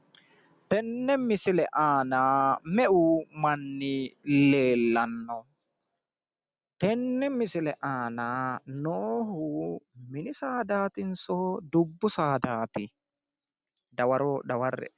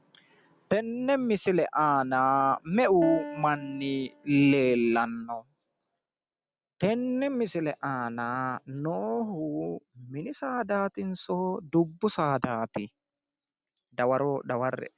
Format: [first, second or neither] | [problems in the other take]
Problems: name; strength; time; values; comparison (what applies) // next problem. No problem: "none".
first | background sound (Piano); 14 dB below the speech